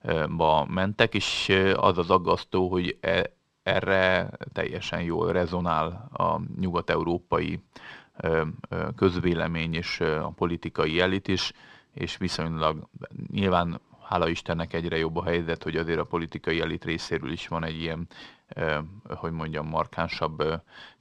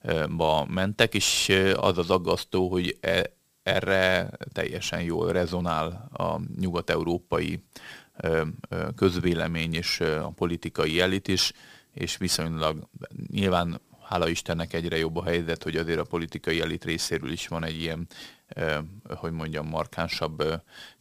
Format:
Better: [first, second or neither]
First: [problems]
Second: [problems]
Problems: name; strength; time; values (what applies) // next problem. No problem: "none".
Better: second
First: muffled; slightly; fading above 3.5 kHz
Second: none